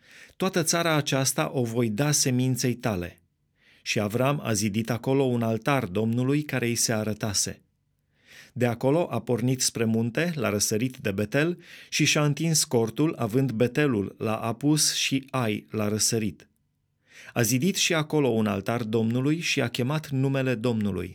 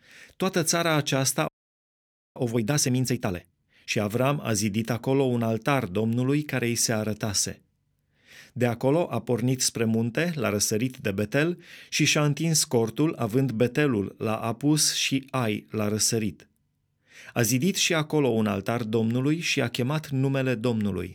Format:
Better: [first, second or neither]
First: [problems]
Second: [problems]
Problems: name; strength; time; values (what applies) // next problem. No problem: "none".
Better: first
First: none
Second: audio freezing; at 1.5 s for 1 s